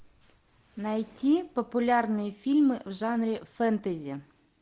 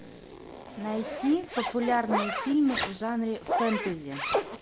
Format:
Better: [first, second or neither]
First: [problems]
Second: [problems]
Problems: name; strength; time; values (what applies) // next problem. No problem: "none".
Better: first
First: none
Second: background sound (Zipper (clothing)); 4 dB below the speech